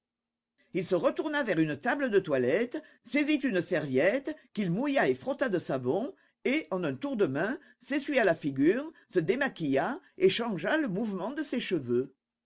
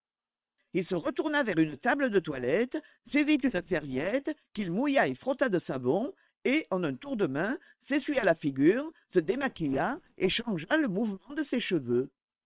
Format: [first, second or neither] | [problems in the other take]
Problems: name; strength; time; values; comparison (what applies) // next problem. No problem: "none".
first | noise reduction (neural separator model SepFormer WHAM!)